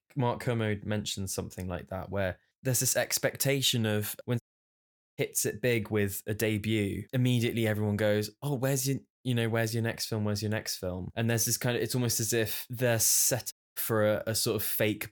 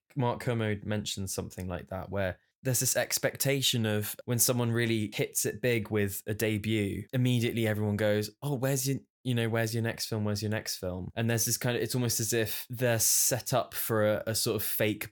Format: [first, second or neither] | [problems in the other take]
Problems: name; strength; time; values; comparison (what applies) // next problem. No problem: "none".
second | audio cutting out; at 4.5 s for 1 s and at 14 s